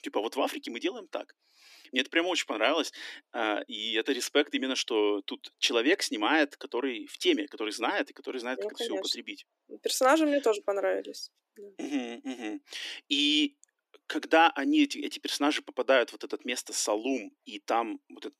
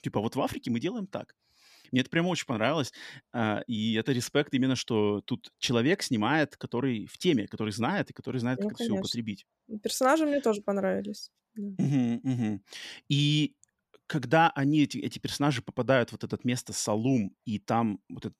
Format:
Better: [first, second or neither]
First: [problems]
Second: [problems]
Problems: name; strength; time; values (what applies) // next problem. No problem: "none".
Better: second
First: thin; somewhat; fading below 300 Hz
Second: none